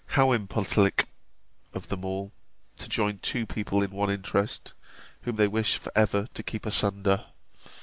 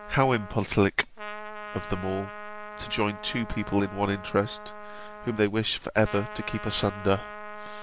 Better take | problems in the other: first | background sound (Trumpet); 13 dB below the speech

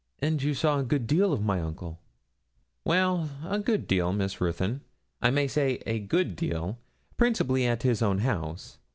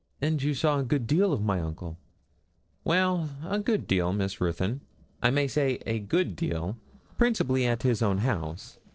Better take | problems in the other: first | noise reduction (neural separator model SepFormer DNS4)

